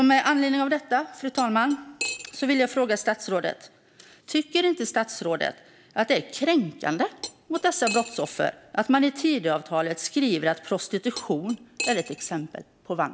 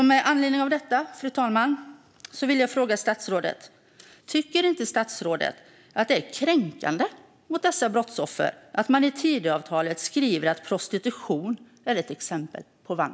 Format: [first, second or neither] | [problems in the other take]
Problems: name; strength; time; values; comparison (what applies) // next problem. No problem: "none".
second | background sound (Cutlery, silverware); 12 dB below the speech